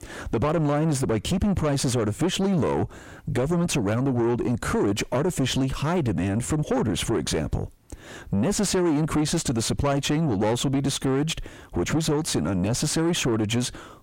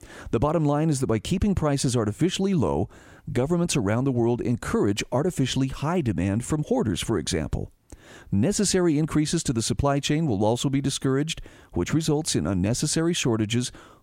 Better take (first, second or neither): second